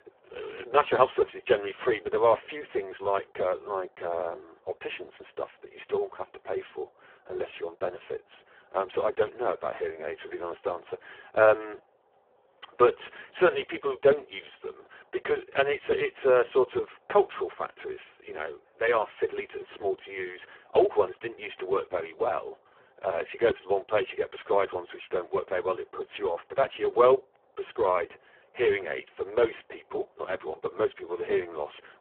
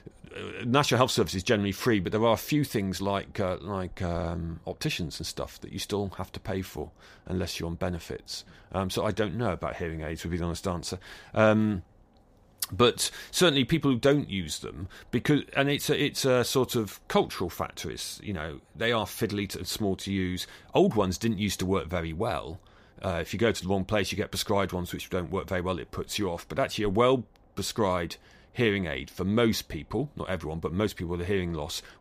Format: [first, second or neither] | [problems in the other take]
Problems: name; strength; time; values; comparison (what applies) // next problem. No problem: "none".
second | phone-call audio; poor line